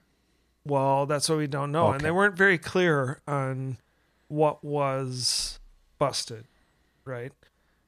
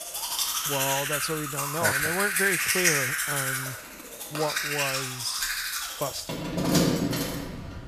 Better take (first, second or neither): first